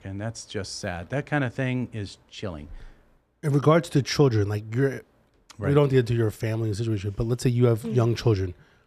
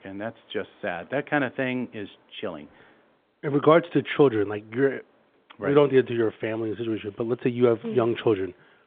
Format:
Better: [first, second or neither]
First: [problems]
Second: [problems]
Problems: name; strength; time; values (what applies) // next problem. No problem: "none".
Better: first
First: none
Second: phone-call audio; nothing above 3.5 kHz